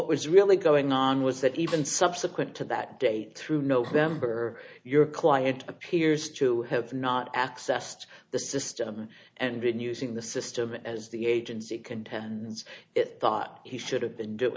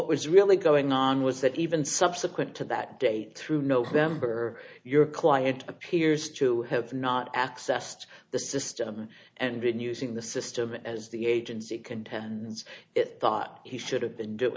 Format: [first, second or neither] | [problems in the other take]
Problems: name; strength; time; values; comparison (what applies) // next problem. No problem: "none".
second | background sound (Snare drum); 17 dB below the speech